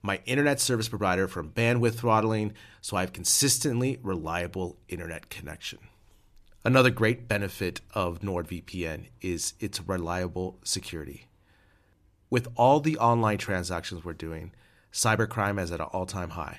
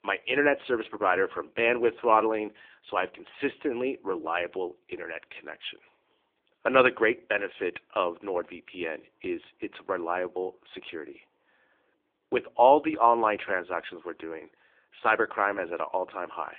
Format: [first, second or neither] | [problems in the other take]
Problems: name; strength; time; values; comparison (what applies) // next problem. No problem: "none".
first | phone-call audio; poor line